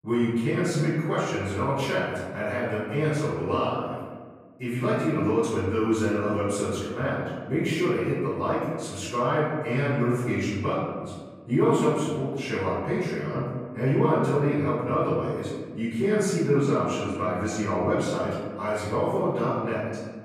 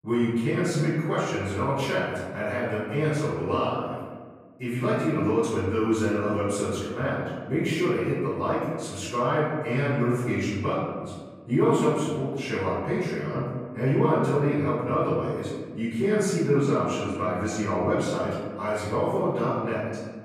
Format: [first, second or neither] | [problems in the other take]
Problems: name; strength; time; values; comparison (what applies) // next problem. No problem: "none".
neither | off-mic speech; far; the same in both // room echo; strong; dies away in 1.6 s; the same in both